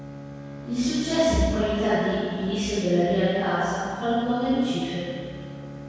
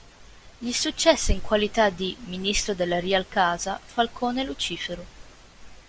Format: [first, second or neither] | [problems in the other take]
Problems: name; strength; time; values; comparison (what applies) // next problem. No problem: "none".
second | background sound (Bowed string instrument); 17 dB below the speech // room echo; dies away in 1.9 s